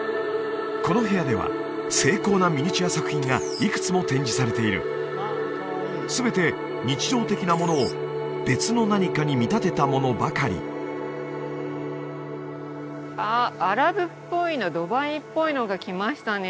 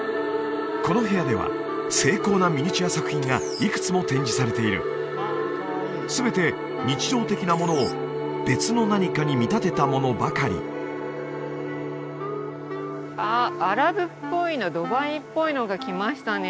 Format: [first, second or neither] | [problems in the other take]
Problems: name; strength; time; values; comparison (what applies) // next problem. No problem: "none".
first | background sound (Wind instrument, woodwind instrument); 11 dB below the speech